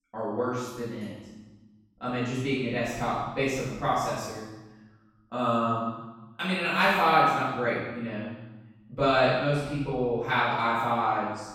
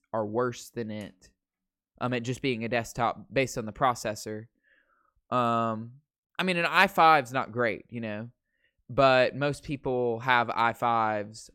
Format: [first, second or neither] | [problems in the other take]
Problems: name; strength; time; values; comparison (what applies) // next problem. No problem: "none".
second | off-mic speech; far // room echo; strong; dies away in 1 s